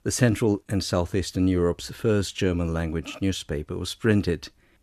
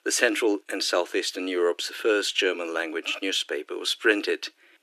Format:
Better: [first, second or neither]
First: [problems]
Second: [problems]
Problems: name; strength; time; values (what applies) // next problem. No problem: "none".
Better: first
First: none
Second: thin; very; fading below 300 Hz